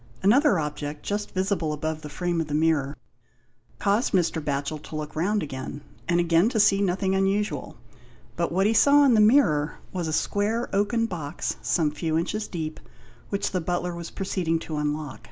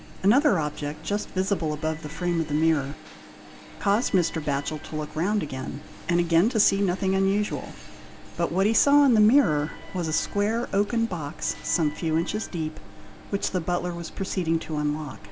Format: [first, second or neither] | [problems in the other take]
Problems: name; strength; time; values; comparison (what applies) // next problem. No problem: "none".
first | background sound (Alarm); 19 dB below the speech